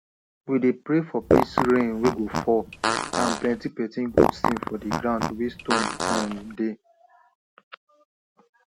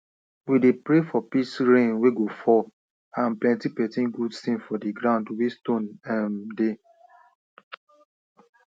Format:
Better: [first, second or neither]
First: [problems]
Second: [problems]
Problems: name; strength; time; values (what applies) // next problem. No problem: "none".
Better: second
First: background sound (Fart); 2 dB above the speech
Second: none